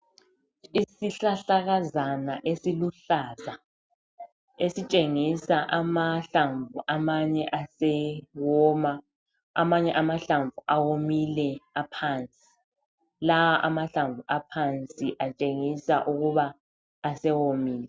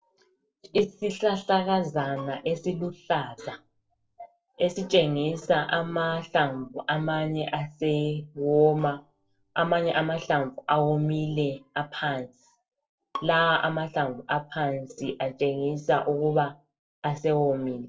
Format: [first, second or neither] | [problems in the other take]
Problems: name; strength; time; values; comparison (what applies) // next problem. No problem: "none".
first | noise reduction (neural separator model SepFormer DNS4)